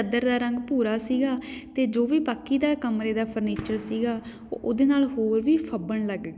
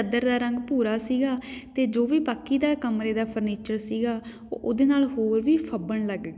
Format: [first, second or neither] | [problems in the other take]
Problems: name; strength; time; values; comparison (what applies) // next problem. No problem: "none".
second | background sound (Tabla + Gunshot, gunfire); 18 dB below the speech